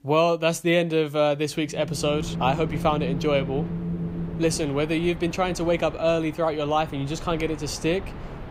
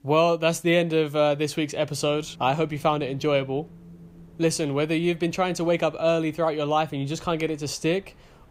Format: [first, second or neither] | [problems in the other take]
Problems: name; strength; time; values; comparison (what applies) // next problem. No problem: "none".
second | wind in the background; loud; from 2 s on; 9 dB below the speech; faint in the second